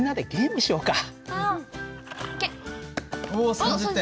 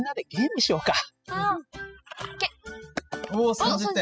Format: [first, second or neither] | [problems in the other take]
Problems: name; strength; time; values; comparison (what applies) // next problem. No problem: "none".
first | noise reduction (classical method spectral subtraction)